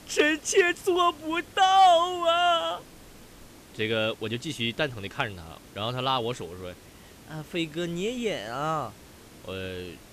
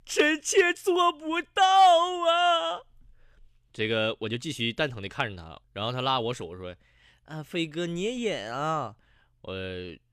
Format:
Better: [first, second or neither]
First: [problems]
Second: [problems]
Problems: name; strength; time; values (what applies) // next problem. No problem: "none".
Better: second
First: hiss; faint; throughout; 25 dB below the speech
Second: none